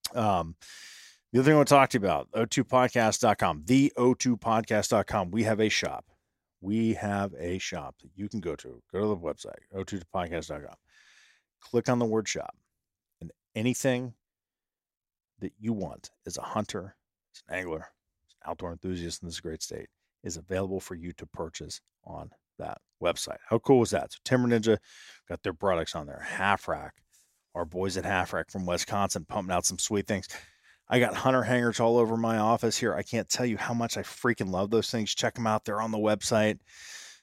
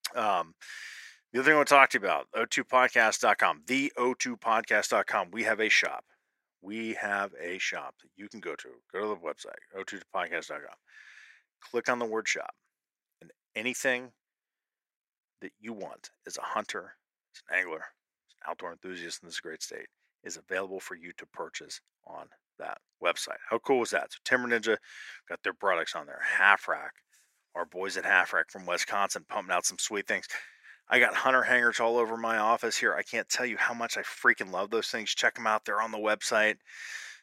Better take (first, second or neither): first